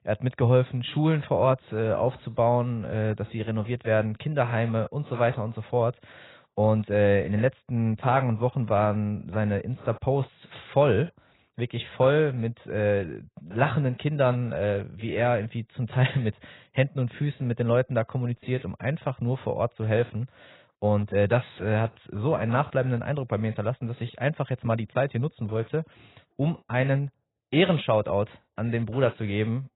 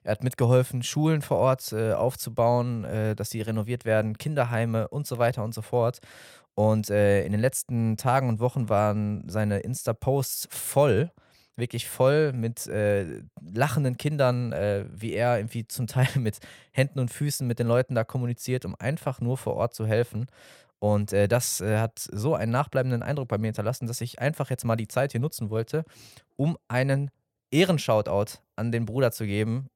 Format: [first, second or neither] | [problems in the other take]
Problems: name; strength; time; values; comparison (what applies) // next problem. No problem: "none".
second | garbled, watery; badly; nothing above 4 kHz